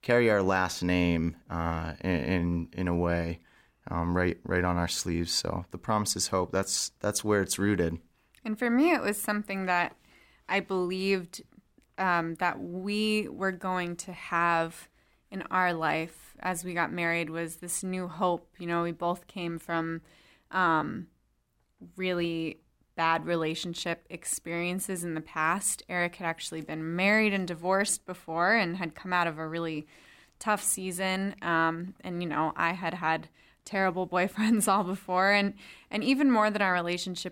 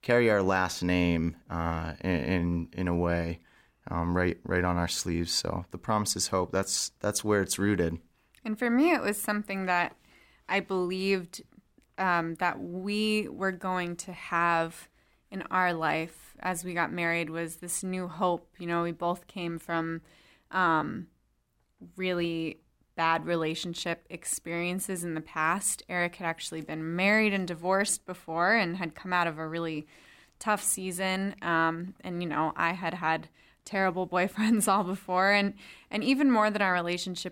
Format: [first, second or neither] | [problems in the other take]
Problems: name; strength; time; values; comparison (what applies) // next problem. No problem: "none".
neither | none